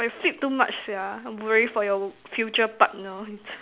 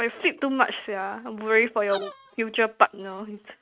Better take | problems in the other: first | noise reduction (neural mask model RNNoise)

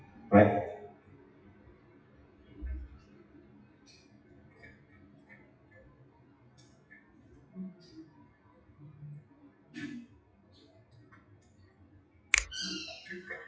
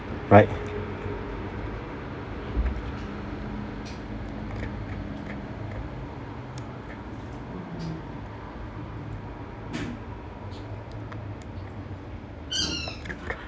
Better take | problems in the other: second | noise reduction (classical method WPE with log-MMSE)

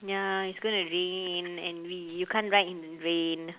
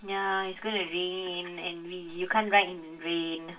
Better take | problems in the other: first | room echo; dies away in 0.2 s

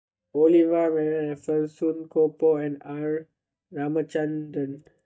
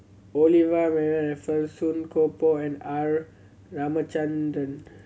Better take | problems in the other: second | noise reduction (neural mask model DeepFilterNet 3)

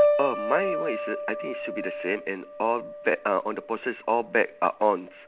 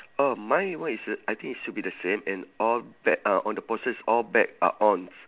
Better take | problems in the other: second | background sound (Piano); 3 dB below the speech

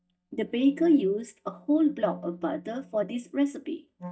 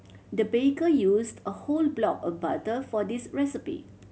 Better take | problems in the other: second | noise reduction (neural mask model DeepFilterNet 3)

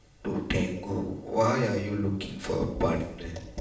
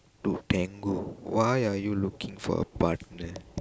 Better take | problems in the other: second | room echo; dies away in 0.6 s

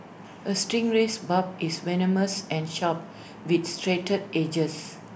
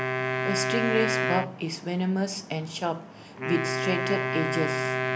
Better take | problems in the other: first | background sound (Wind instrument, woodwind instrument); as loud as the speech

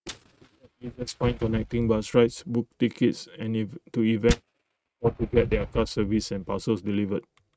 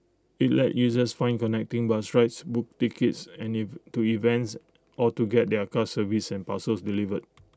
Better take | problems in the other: second | noise reduction (neural mask model RNNoise)

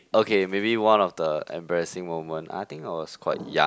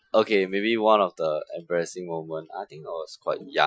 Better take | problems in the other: first | noise reduction (classical method Wiener filter)

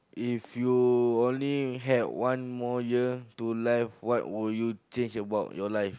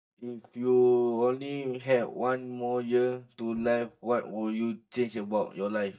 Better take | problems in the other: first | noise reduction (neural mask model DeepFilterNet 3)

